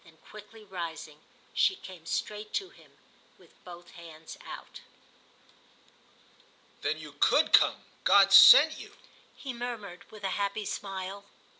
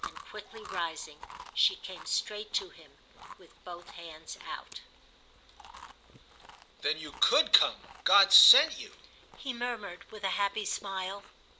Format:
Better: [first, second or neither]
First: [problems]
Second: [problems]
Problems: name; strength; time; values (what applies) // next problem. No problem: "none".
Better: first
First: none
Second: background sound (Chewing, mastication); 19 dB below the speech